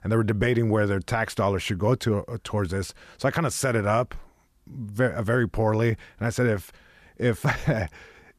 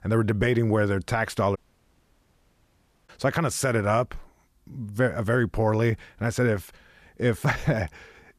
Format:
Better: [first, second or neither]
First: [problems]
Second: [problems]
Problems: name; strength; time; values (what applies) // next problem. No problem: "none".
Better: first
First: none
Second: audio cutting out; at 1.5 s for 1.5 s